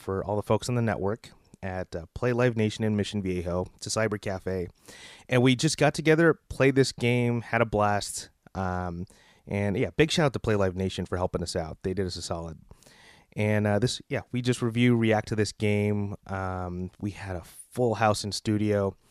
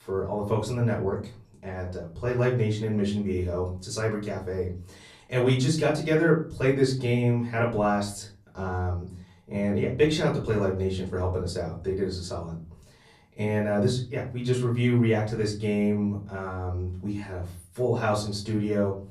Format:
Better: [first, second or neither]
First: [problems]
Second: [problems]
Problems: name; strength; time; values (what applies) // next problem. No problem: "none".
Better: first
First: none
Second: off-mic speech; far // room echo; slight; dies away in 0.4 s